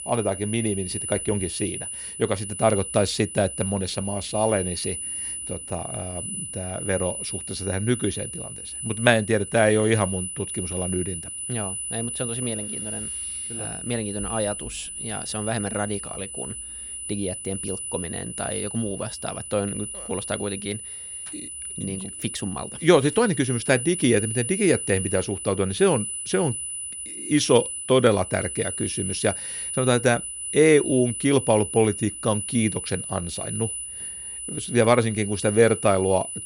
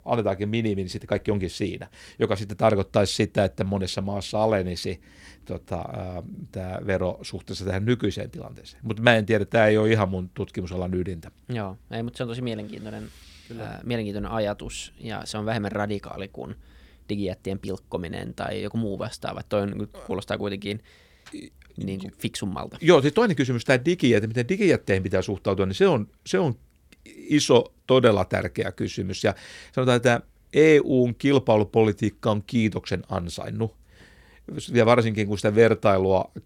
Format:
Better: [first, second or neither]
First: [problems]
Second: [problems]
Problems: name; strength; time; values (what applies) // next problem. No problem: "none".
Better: second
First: high-pitched whine; loud; throughout; 10 kHz, 6 dB below the speech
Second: none